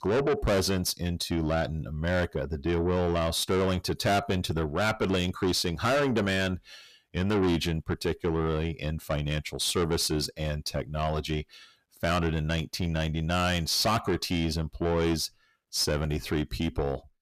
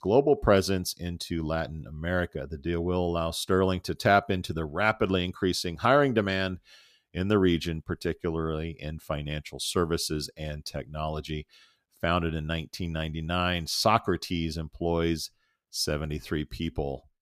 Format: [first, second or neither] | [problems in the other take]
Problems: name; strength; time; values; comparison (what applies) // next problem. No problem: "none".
second | distortion; heavy; 6 dB below the speech